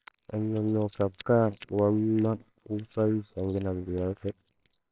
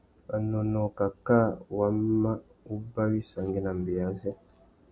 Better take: second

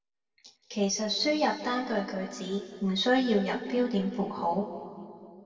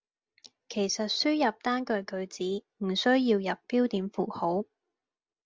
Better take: second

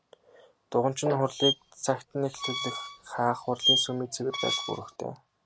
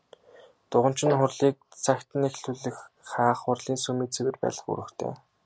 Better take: second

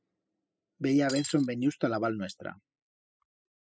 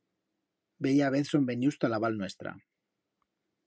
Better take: second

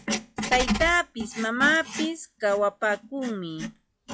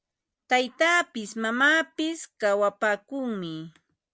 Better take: second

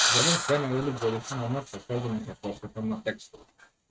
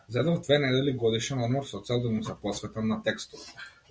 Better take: second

